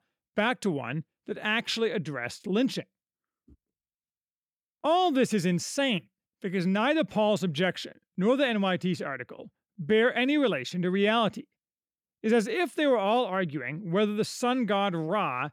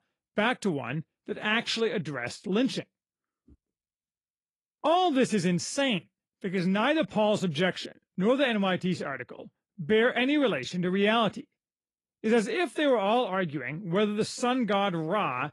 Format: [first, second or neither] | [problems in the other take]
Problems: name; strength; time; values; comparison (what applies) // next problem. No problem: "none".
first | garbled, watery; slightly